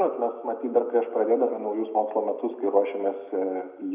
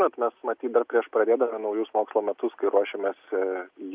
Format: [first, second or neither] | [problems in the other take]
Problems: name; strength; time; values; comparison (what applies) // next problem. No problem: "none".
second | room echo; dies away in 0.7 s